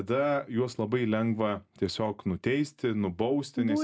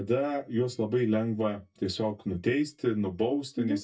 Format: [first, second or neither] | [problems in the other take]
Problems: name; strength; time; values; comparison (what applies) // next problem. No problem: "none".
first | noise reduction (neural mask model DeepFilterNet 3)